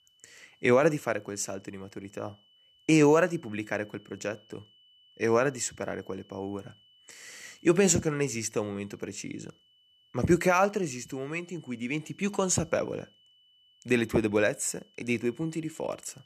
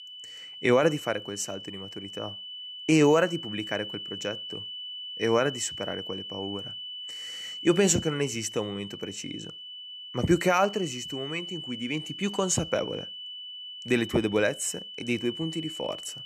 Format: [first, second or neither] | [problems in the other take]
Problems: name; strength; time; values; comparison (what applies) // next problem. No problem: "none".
first | high-pitched whine; loud; throughout; 3 kHz, 9 dB below the speech; faint in the first